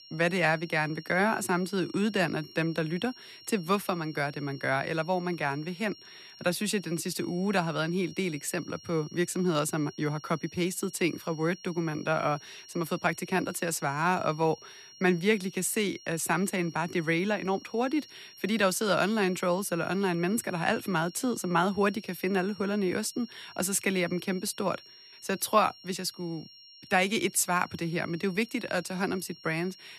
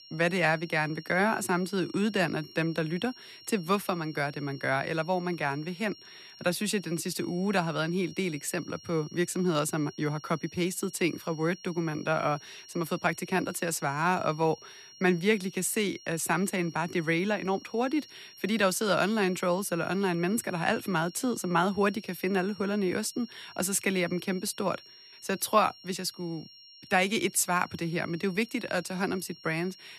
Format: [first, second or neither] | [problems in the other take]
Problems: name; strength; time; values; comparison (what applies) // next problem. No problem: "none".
neither | high-pitched whine; noticeable; throughout; 5.5 kHz, 20 dB below the speech; the same in both